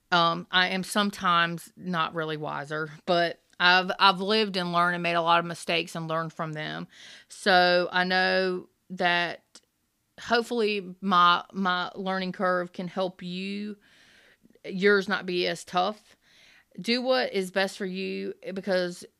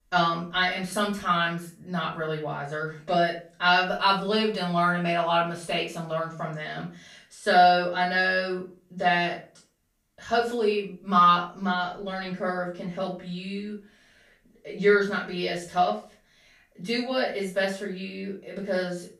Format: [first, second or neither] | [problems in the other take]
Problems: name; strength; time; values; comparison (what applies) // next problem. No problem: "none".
first | room echo; slight; dies away in 0.4 s // off-mic speech; far